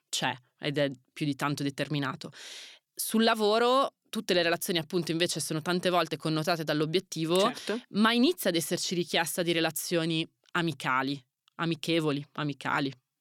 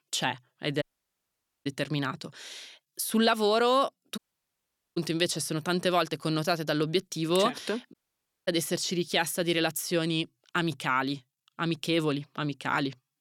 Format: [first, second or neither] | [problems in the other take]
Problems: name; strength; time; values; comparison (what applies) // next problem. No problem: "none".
first | audio cutting out; at 1 s for 1 s, at 4 s for 1 s and at 8 s for 0.5 s